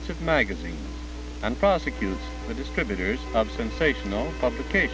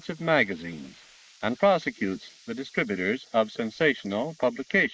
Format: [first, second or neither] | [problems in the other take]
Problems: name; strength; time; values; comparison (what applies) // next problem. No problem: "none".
first | noise reduction (neural mask model Resemble Enhance denoiser)